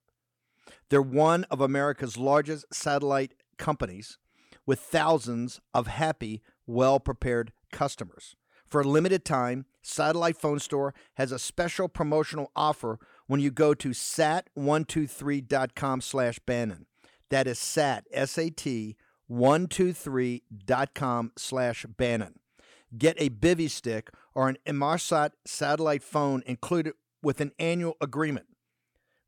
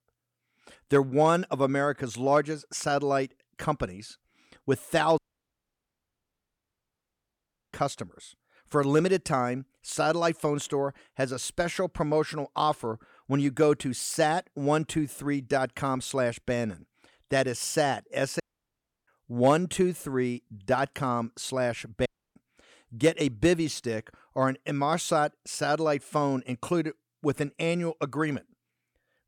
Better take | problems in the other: first | audio cutting out; at 5 s for 2.5 s, at 18 s for 0.5 s and at 22 s

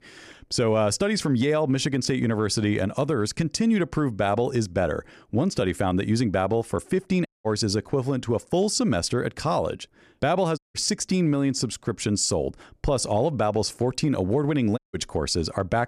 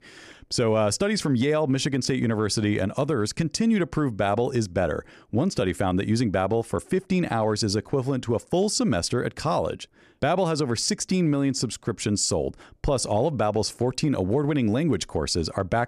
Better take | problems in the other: second | audio cutting out; at 7.5 s, at 11 s and at 15 s

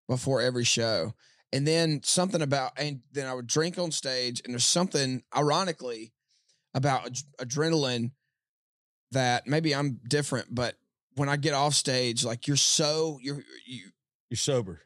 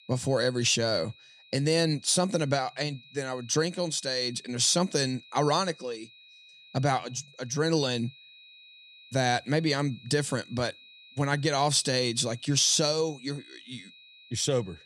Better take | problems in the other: first | high-pitched whine; faint; throughout; 4 kHz, 25 dB below the speech

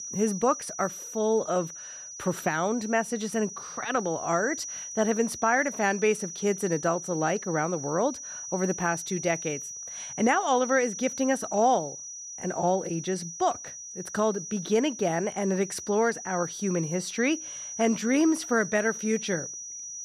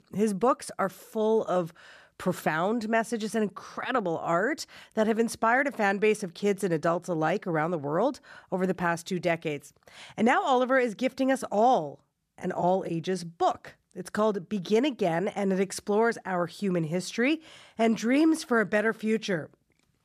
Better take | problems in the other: second | high-pitched whine; loud; throughout; 6 kHz, 9 dB below the speech

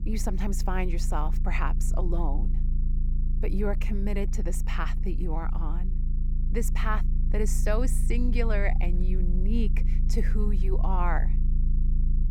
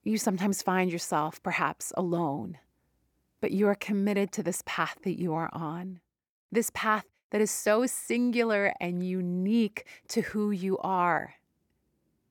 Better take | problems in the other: second | low rumble; noticeable; throughout; 15 dB below the speech

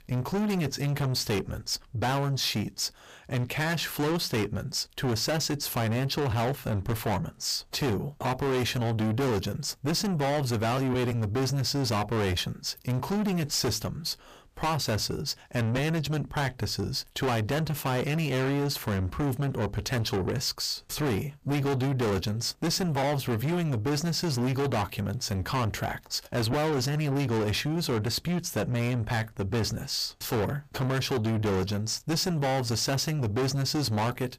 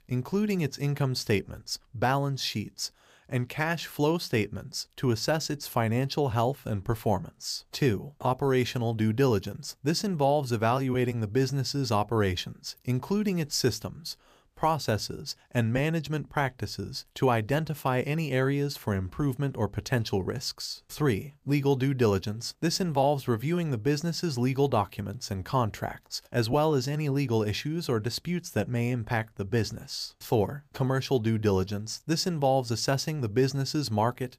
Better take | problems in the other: second | distortion; heavy; 6 dB below the speech

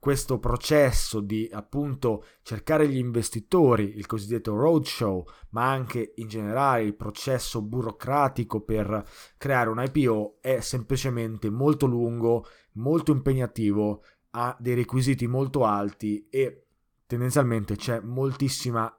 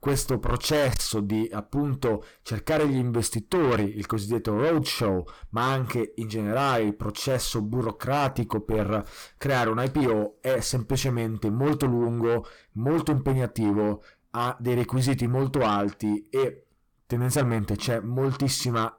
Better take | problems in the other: first | distortion; heavy; 7 dB below the speech

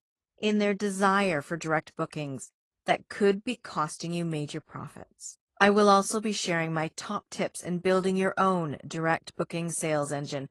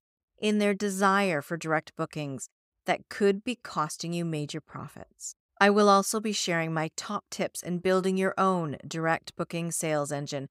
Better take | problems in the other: second | garbled, watery; slightly; nothing above 11 kHz

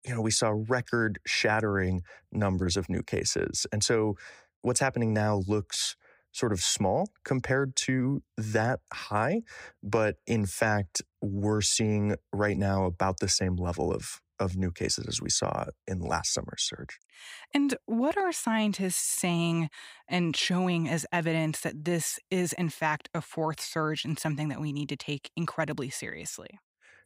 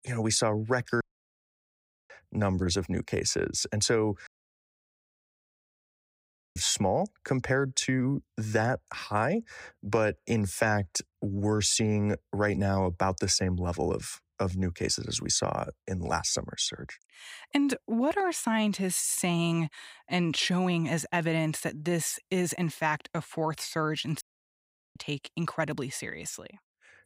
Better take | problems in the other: first | audio cutting out; at 1 s for 1 s, at 4.5 s for 2.5 s and at 24 s for 0.5 s

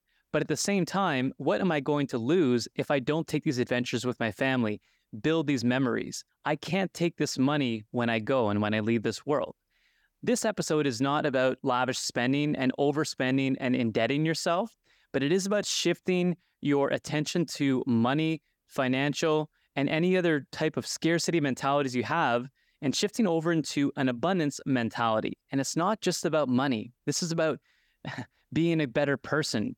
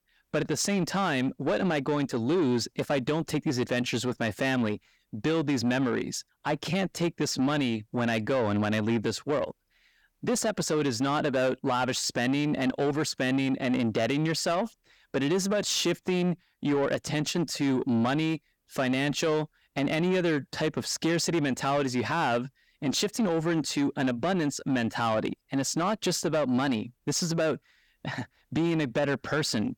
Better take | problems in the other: first | distortion; slight; 10 dB below the speech

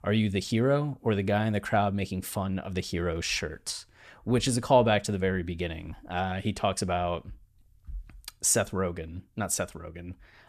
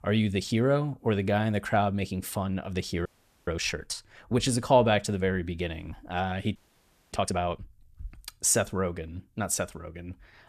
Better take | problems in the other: first | audio freezing; at 3 s and at 6.5 s for 0.5 s

